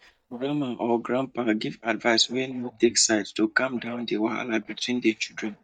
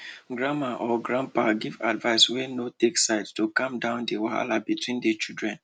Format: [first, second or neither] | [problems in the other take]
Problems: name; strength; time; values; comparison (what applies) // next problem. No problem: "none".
second | noise reduction (neural mask model DeepFilterNet 3)